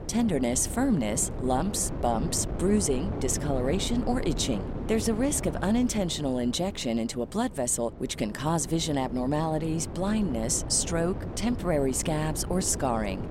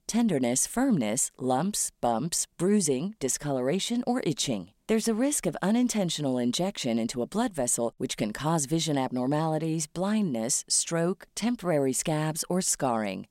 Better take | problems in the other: second | wind noise on the microphone; occasional gusts; 10 dB below the speech

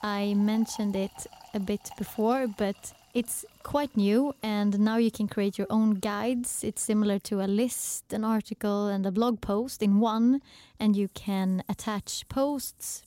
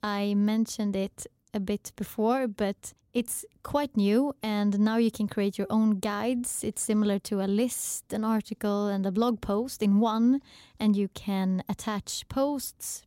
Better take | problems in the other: second | household noises; faint; throughout; 25 dB below the speech

